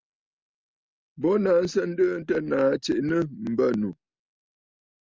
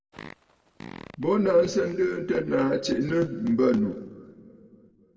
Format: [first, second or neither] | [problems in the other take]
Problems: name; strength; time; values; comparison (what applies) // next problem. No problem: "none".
first | background sound (Fart); 19 dB below the speech // room echo; dies away in 1.5 s